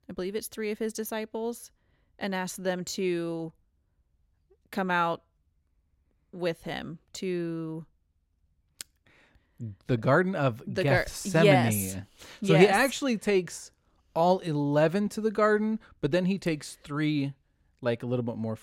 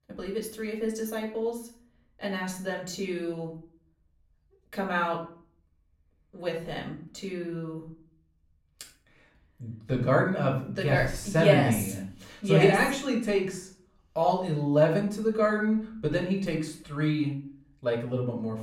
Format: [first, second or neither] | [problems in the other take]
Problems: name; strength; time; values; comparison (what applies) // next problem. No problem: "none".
first | off-mic speech; far // room echo; slight; dies away in 0.4 s